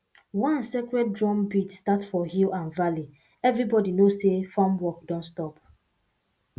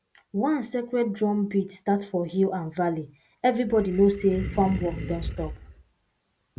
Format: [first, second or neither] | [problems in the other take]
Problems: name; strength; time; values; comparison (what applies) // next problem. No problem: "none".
first | background sound (Animal); 9 dB below the speech